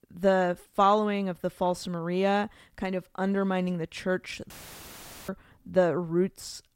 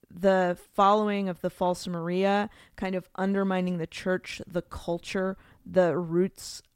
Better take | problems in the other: second | audio cutting out; filled with static; at 4.5 s for 1 s

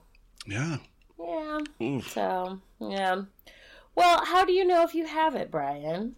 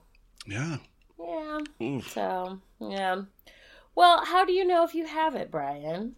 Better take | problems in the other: second | distortion; slight; 1.9% of the sound clipped

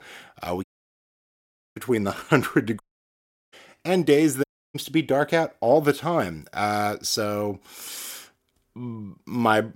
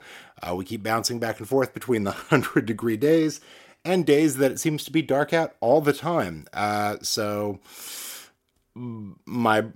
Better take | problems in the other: second | audio cutting out; at 0.5 s for 1 s, at 3 s for 0.5 s and at 4.5 s

